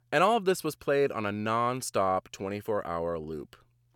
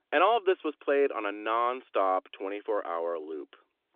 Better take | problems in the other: first | phone-call audio; nothing above 3.5 kHz

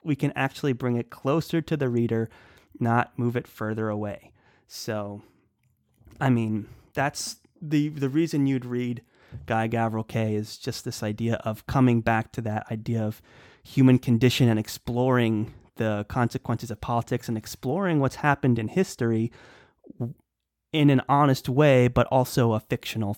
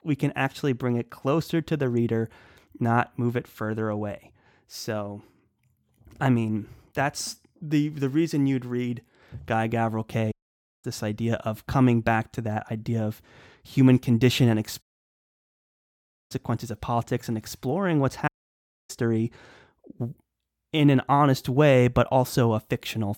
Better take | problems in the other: first | audio cutting out; at 10 s for 0.5 s, at 15 s for 1.5 s and at 18 s for 0.5 s

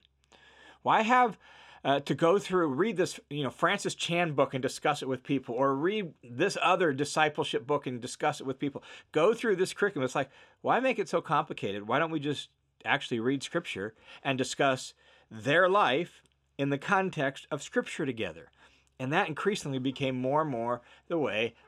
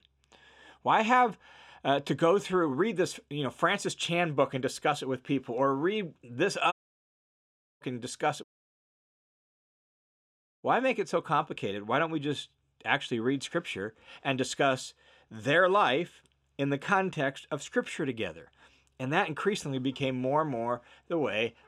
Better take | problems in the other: first | audio cutting out; at 6.5 s for 1 s and at 8.5 s for 2 s

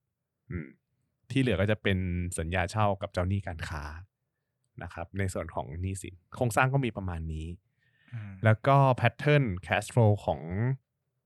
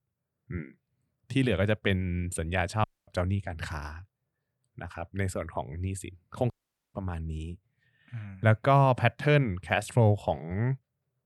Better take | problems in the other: first | audio cutting out; at 3 s and at 6.5 s

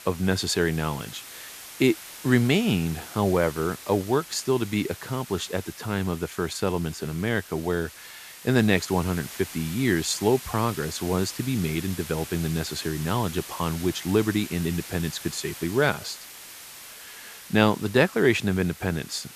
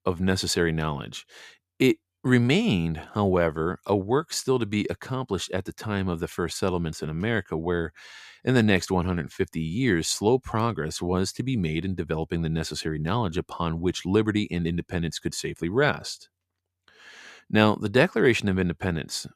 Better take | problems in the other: second | hiss; noticeable; throughout; 15 dB below the speech

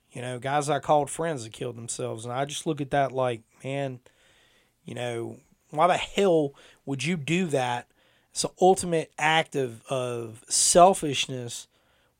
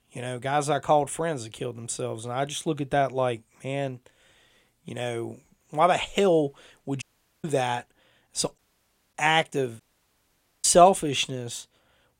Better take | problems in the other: first | audio cutting out; at 7 s, at 8.5 s for 0.5 s and at 10 s for 1 s

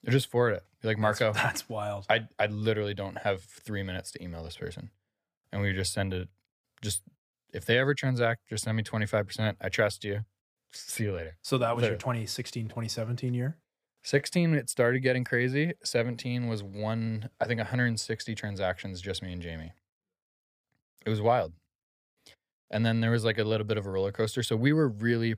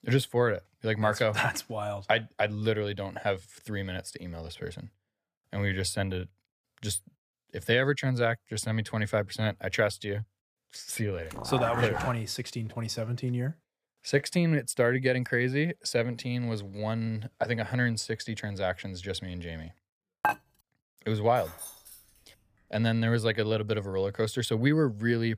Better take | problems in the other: first | dog barking; noticeable; at 11 s; peak 3 dB below the speech // clattering dishes; noticeable; at 20 s; peak 1 dB below the speech // jangling keys; faint; at 21 s; peak 10 dB below the speech

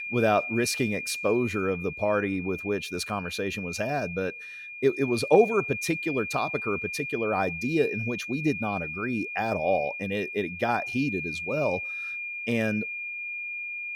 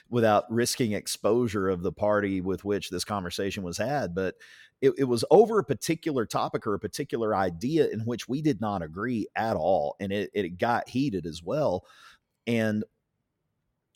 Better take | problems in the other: second | high-pitched whine; loud; throughout; 2.5 kHz, 5 dB below the speech

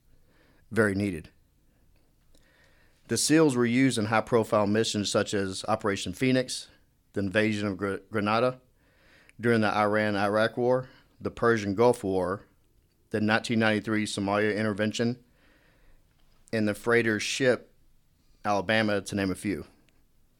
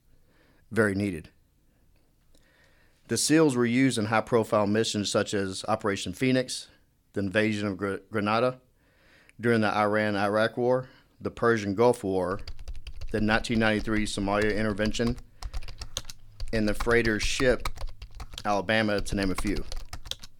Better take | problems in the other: first | keyboard typing; noticeable; from 12 s on; peak 10 dB below the speech

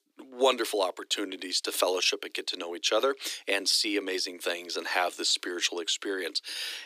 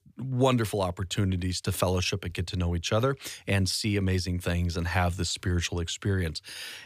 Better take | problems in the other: second | thin; very; fading below 300 Hz

